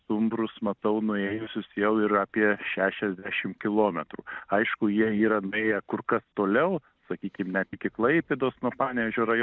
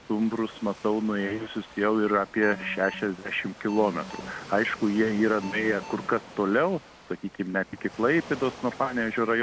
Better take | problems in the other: first | background sound (Waves, surf + Alarm); 16 dB below the speech

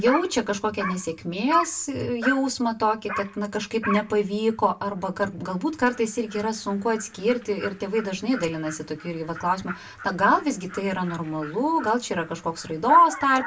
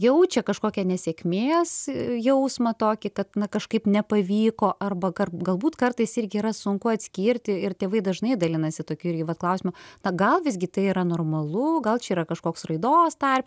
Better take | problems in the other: second | background sound (Dog); 12 dB below the speech // room echo; dies away in 0.2 s

